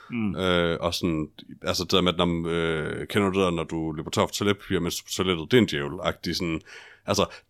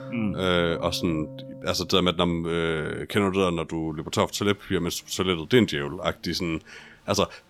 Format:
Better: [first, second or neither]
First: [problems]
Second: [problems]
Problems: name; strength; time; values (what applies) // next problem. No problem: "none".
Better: first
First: none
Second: background music; noticeable; throughout; 15 dB below the speech